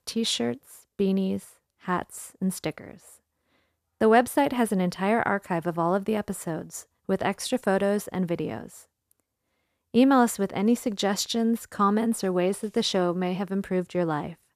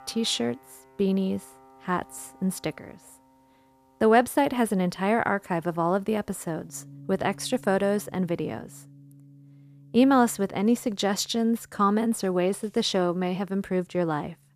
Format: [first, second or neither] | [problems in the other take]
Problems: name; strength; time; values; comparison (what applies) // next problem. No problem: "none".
first | background music; faint; throughout; 25 dB below the speech